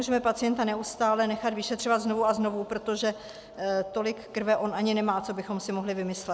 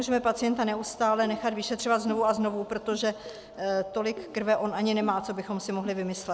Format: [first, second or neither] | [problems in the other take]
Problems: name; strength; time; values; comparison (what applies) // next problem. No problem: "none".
first | background sound (Keyboard (musical)); 20 dB below the speech